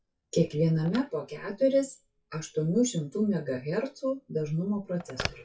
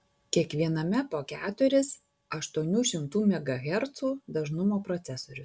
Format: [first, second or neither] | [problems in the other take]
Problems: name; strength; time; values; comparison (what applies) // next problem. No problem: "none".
second | noise reduction (classical method WPE with log-MMSE)